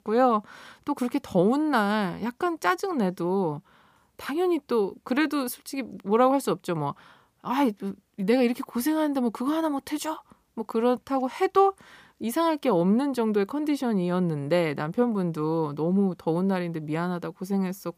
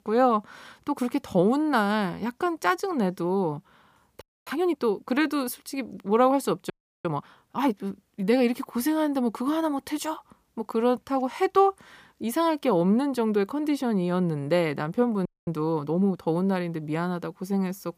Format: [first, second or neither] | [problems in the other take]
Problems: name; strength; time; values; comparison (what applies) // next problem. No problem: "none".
first | audio freezing; at 4 s, at 6.5 s and at 15 s